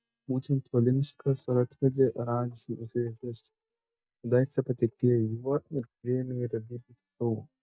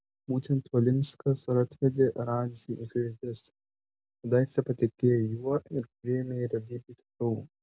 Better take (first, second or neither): second